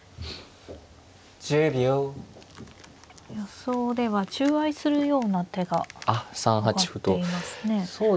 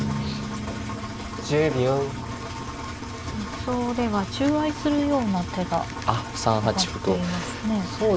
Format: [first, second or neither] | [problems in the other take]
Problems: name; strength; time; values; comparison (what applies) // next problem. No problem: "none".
first | background sound (Drum + Engine); 6 dB below the speech